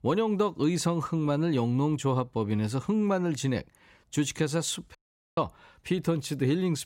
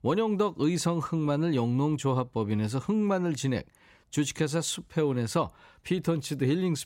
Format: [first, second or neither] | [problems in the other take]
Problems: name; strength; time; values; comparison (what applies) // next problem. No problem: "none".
second | audio cutting out; at 5 s